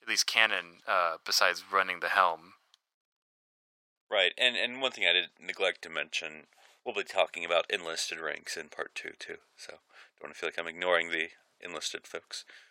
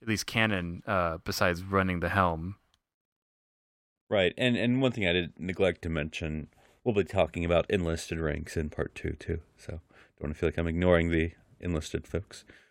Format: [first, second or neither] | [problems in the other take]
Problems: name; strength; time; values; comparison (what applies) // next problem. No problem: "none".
second | thin; very; fading below 800 Hz